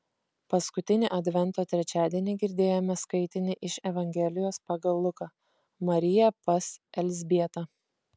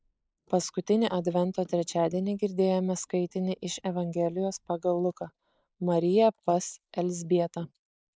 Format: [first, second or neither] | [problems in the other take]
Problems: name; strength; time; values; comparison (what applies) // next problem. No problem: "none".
first | noise reduction (neural mask model Resemble Enhance denoiser)